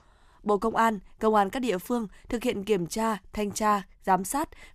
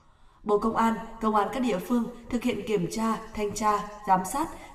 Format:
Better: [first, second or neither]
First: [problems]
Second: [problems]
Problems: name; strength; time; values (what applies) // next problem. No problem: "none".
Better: first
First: none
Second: room echo; slight; dies away in 1.2 s